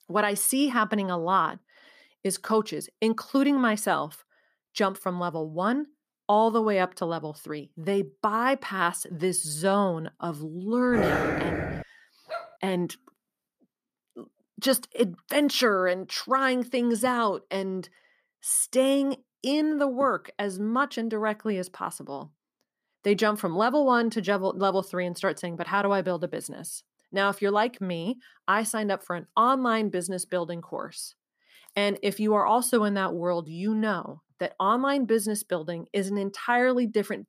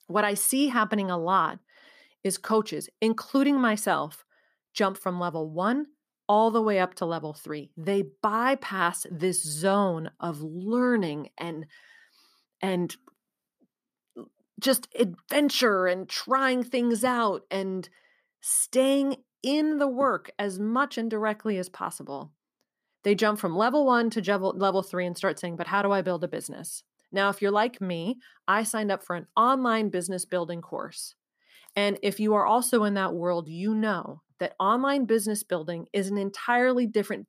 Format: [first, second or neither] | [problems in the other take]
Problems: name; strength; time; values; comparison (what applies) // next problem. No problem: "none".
second | dog barking; loud; at 11 s; peak 1 dB above the speech // dog barking; faint; at 12 s; peak 10 dB below the speech